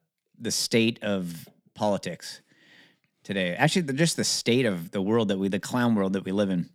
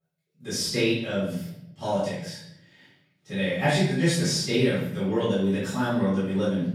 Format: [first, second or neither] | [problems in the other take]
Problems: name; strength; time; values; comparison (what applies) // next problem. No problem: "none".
first | off-mic speech; far // room echo; strong; dies away in 0.7 s